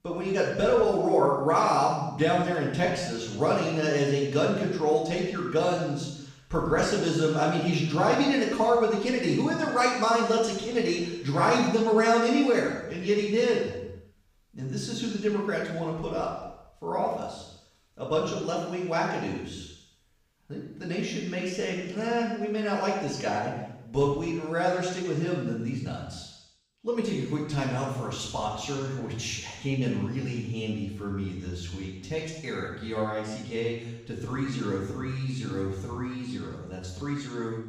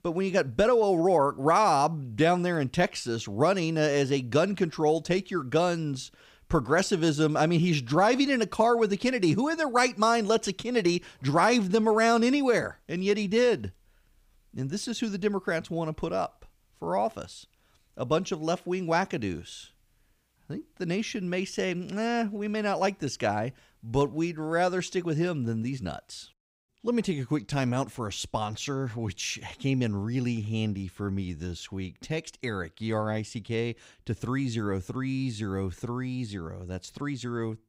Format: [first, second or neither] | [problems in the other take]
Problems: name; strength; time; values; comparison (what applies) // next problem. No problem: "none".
second | room echo; noticeable; dies away in 0.9 s // off-mic speech; far